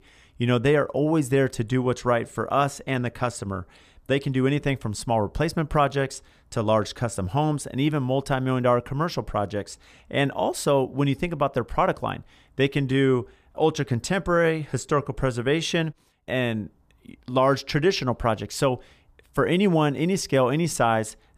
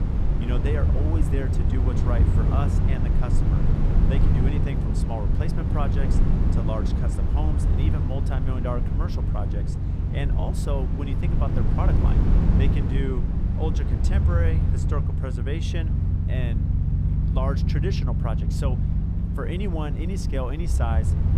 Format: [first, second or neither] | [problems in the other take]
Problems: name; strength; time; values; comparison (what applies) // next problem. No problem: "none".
first | low rumble; loud; throughout; 1 dB below the speech